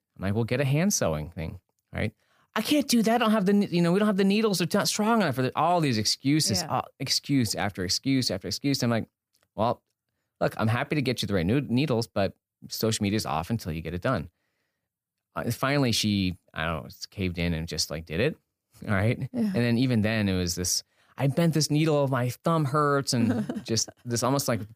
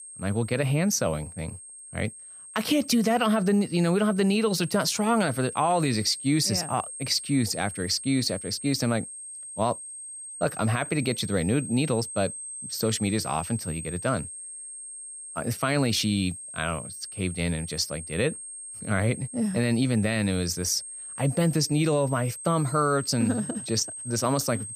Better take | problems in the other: first | high-pitched whine; noticeable; throughout; 8.5 kHz, 10 dB below the speech

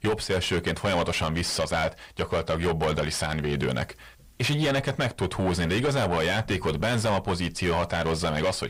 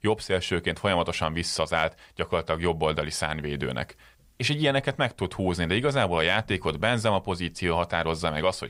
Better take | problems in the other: second | distortion; heavy; 5 dB below the speech

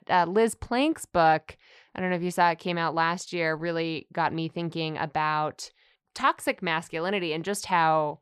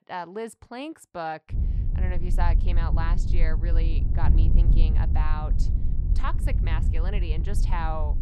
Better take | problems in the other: first | wind noise on the microphone; heavy; from 1.5 s on; 8 dB below the speech

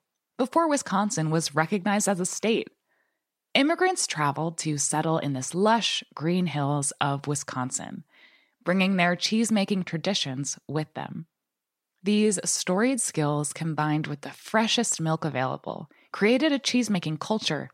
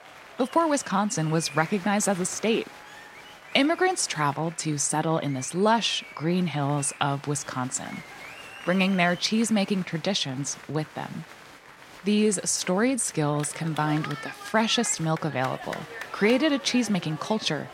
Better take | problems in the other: first | crowd noise; noticeable; throughout; 15 dB below the speech

